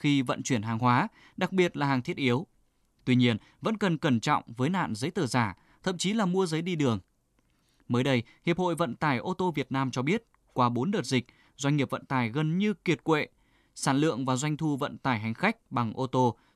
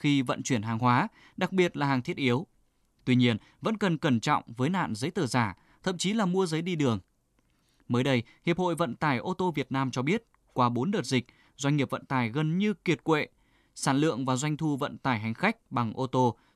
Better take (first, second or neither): neither